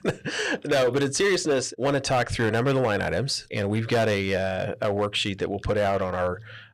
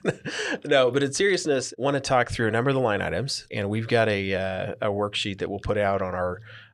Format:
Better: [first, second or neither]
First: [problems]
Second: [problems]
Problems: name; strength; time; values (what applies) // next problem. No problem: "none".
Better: second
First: distortion; slight; 7% of the sound clipped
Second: none